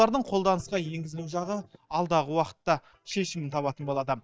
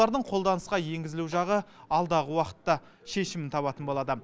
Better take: second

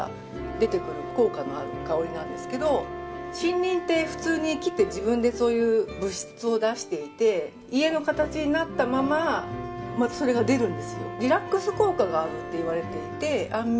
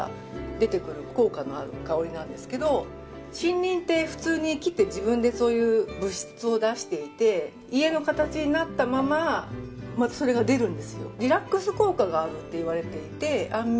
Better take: second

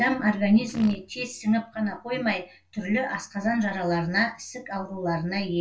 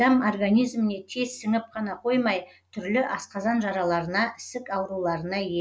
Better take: second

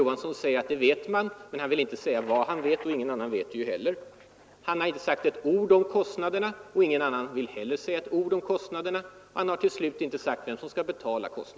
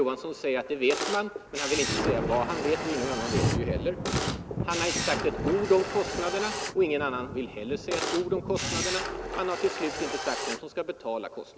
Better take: first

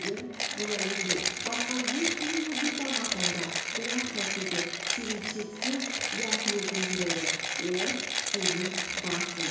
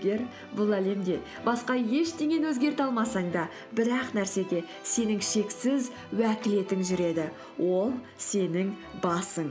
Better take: second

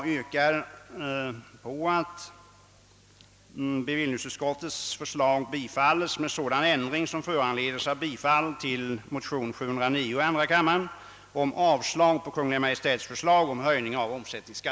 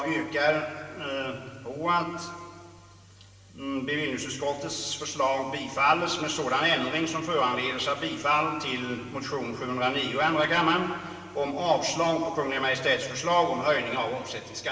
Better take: first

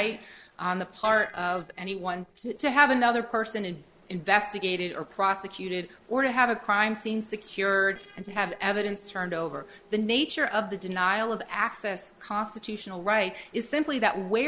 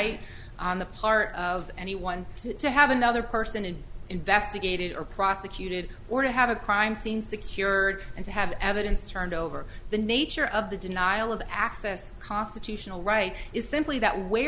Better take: second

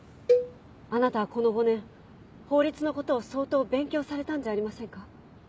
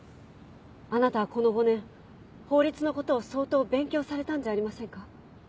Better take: second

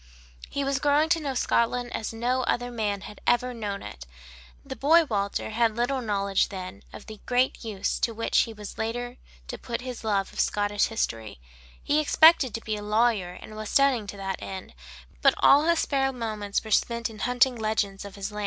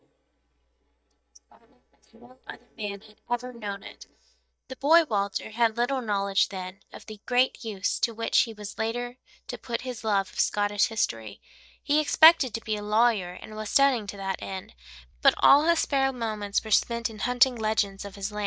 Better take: first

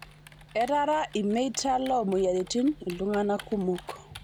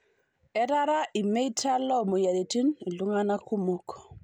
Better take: second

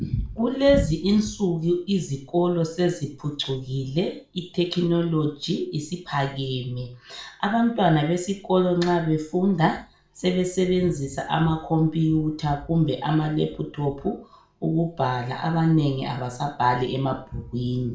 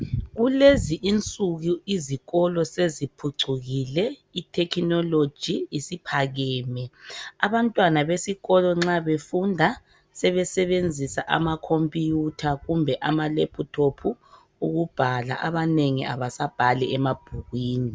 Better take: second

